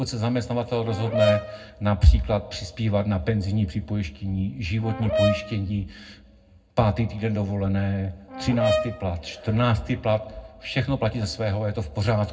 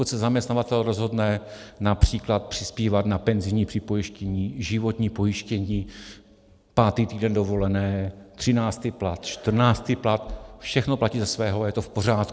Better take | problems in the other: second | background sound (Brass instrument); 4 dB below the speech // room echo; dies away in 0.3 s

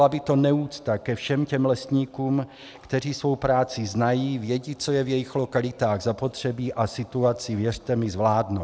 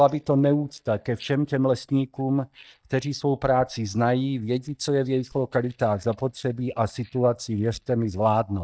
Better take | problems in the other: first | noise reduction (neural mask model DeepFilterNet 3)

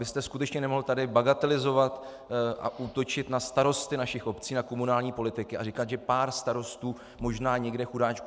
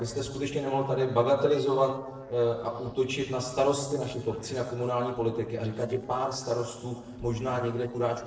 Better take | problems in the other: first | noise reduction (neural separator model SepFormer DNS4)

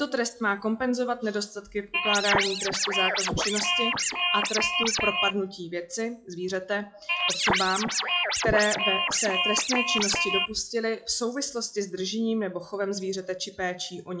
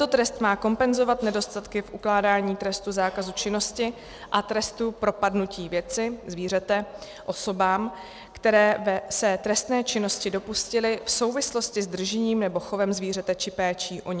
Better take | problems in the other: second | noise reduction (classical method WPE with log-MMSE)

